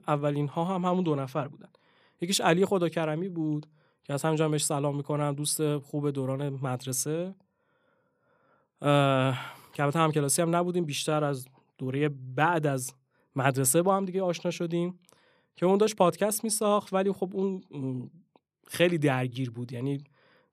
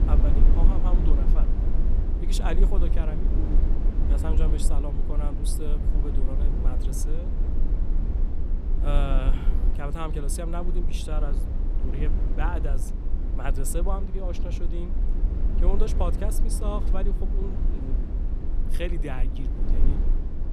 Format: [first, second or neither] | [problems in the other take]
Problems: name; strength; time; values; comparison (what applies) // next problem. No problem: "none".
first | low rumble; loud; throughout; 5 dB below the speech